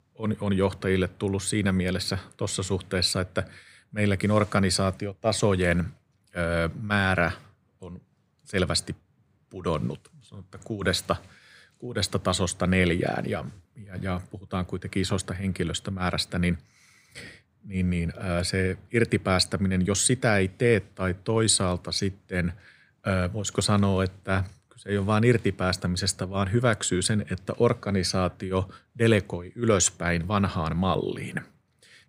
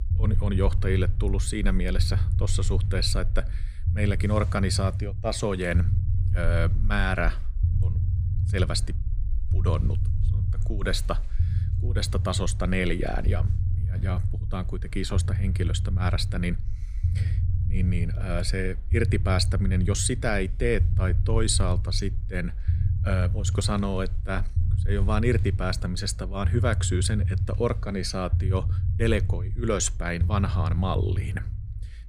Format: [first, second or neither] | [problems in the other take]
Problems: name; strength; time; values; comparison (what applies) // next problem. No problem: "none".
first | low rumble; noticeable; throughout; 10 dB below the speech